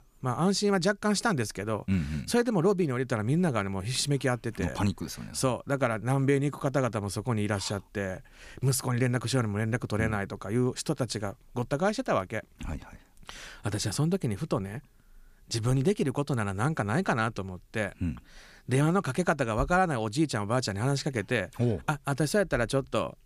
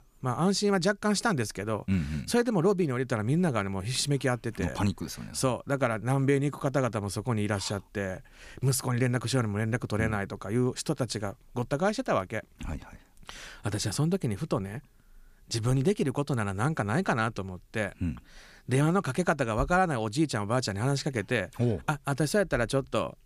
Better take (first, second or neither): neither